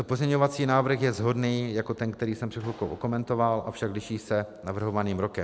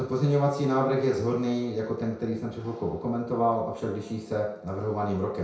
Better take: first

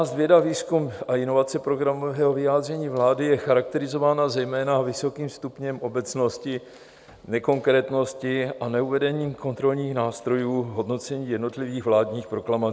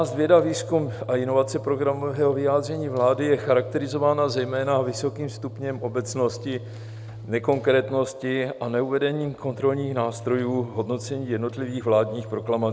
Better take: first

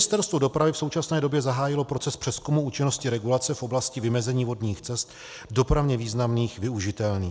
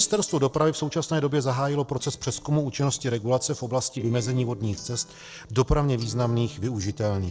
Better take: first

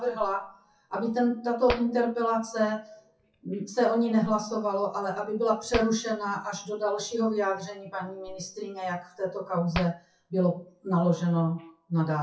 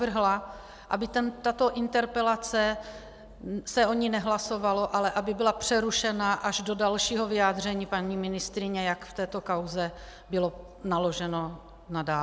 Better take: second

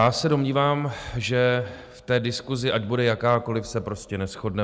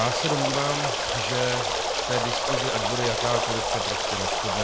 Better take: first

